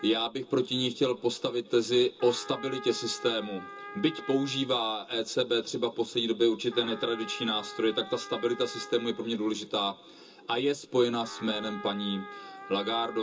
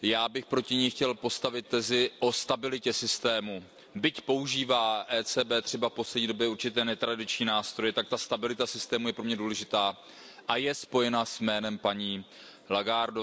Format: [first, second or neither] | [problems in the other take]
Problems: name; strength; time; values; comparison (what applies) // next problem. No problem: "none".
second | background sound (Trumpet); 16 dB below the speech // room echo; dies away in 0.2 s